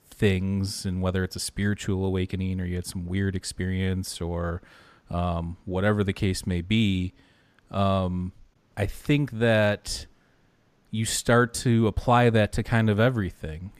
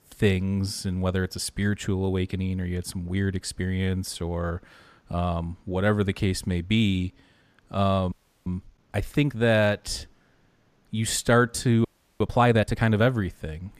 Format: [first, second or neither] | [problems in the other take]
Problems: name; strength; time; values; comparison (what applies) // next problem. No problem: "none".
first | audio freezing; at 8 s and at 12 s